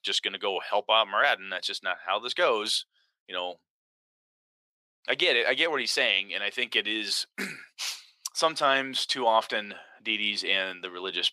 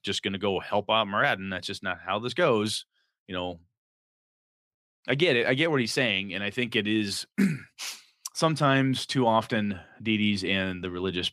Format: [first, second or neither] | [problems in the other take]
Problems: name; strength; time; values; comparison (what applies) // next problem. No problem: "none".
second | thin; very; fading below 600 Hz